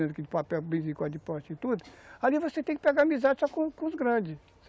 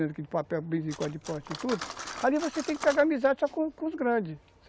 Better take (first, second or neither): first